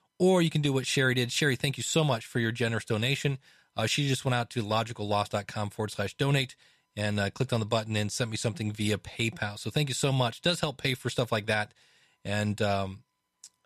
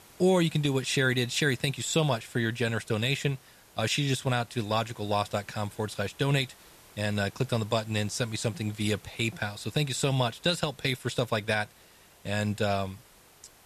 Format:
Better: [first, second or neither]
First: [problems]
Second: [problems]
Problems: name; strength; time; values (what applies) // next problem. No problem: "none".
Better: first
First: none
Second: hiss; faint; throughout; 25 dB below the speech